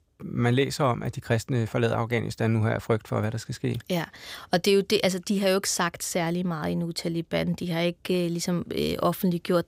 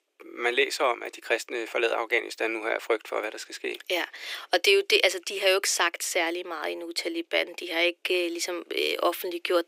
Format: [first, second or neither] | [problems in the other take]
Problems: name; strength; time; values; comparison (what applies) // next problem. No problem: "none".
first | thin; very; fading below 350 Hz